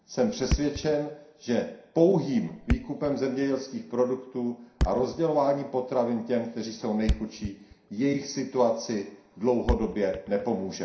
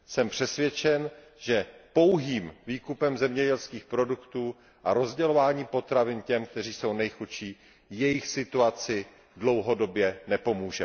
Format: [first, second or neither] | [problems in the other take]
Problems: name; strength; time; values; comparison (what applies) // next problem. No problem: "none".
second | background sound (Thump, thud); 8 dB below the speech // room echo; dies away in 0.5 s